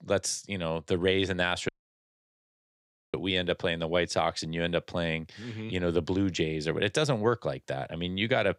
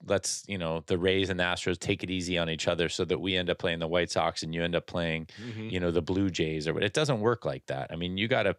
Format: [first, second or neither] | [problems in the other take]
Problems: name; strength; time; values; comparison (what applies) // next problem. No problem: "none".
second | audio cutting out; at 1.5 s for 1.5 s